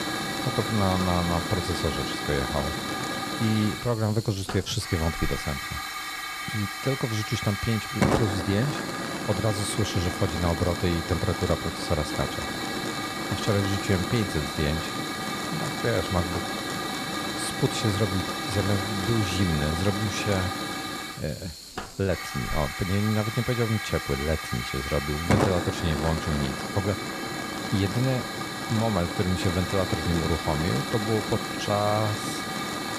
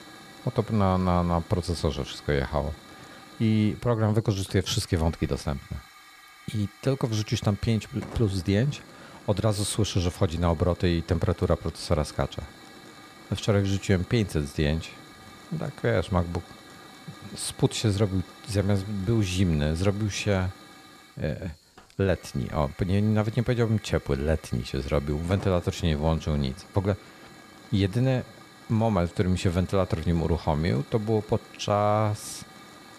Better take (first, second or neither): second